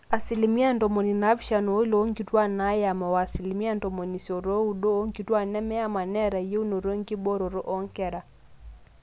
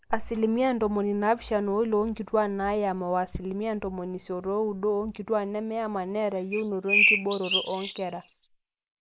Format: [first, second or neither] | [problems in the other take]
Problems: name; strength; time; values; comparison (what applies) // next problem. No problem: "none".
first | noise reduction (neural mask model Resemble Enhance denoiser)